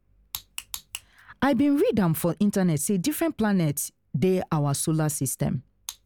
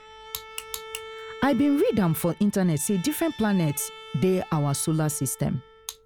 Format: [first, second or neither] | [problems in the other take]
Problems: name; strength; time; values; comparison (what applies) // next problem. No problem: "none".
first | background sound (Bowed string instrument); 18 dB below the speech